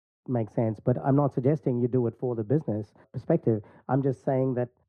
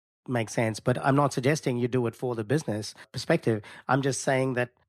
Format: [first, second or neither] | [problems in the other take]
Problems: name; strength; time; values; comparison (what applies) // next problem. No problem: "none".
second | muffled; very; fading above 1.5 kHz